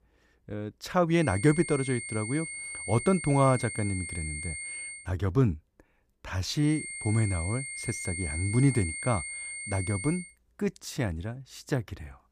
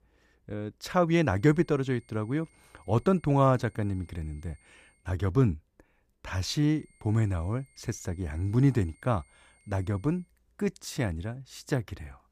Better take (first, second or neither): second